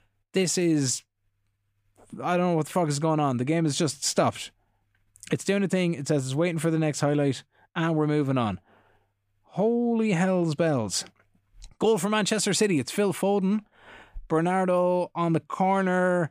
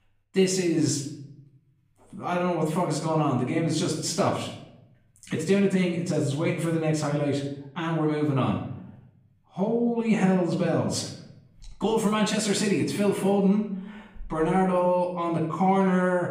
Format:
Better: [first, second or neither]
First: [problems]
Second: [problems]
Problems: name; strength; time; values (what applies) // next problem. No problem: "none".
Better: first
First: none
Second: off-mic speech; far // room echo; noticeable; dies away in 0.7 s